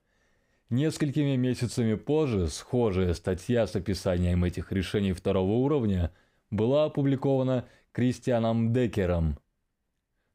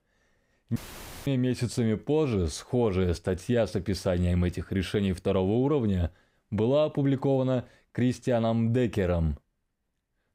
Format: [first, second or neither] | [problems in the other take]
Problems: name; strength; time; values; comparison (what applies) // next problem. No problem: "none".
first | audio cutting out; filled with static; at 1 s for 0.5 s